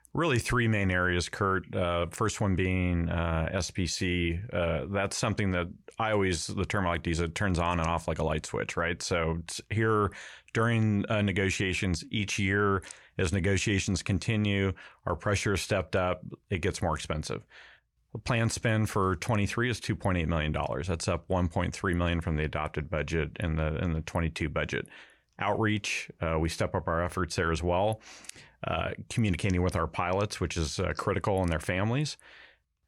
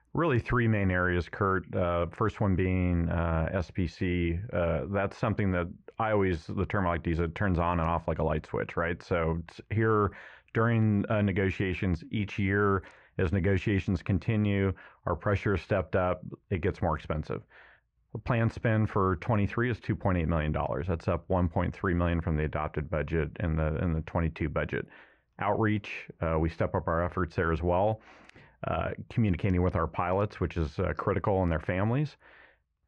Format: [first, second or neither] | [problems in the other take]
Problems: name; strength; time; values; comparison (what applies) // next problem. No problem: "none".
first | muffled; very; fading above 1.5 kHz